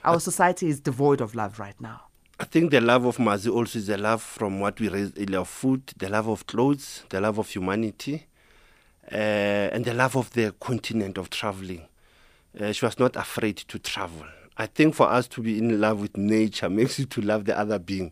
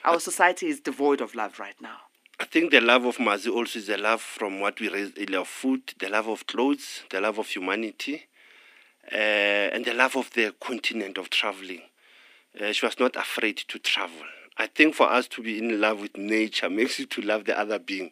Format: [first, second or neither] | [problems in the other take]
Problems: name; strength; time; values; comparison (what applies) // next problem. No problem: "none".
first | thin; very slightly; fading below 250 Hz